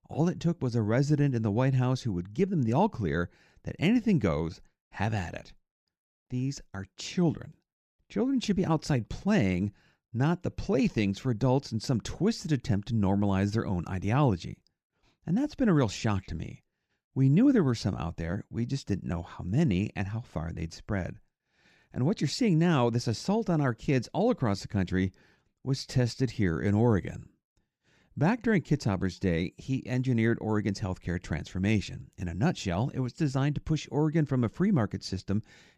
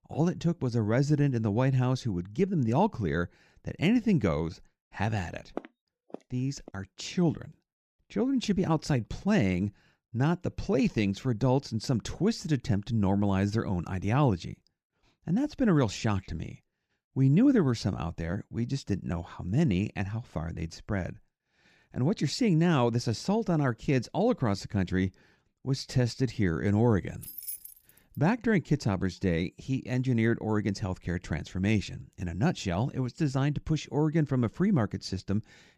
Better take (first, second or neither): first